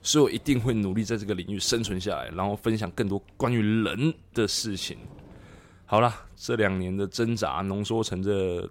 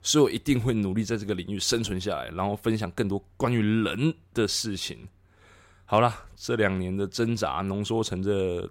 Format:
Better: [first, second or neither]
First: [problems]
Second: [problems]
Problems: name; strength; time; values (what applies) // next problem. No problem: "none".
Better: second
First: household noises; faint; throughout; 25 dB below the speech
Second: none